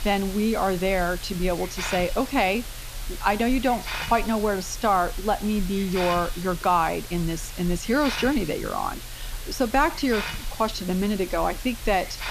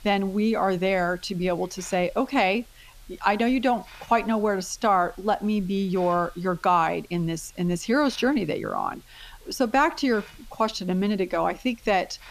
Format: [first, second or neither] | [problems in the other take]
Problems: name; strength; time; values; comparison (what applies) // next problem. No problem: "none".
second | hiss; loud; throughout; 10 dB below the speech; faint in the second